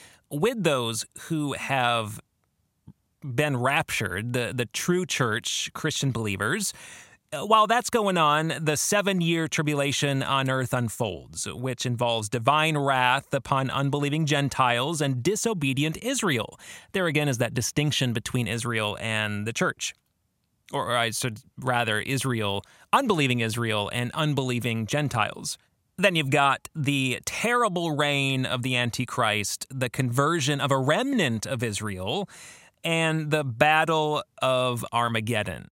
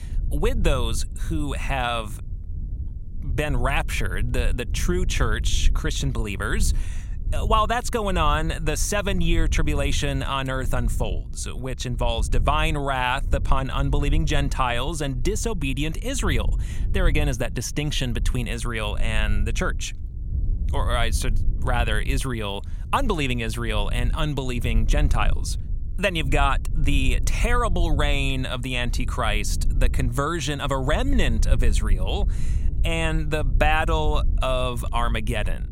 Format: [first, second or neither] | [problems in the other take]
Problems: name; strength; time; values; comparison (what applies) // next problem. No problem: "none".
first | low rumble; faint; throughout; 20 dB below the speech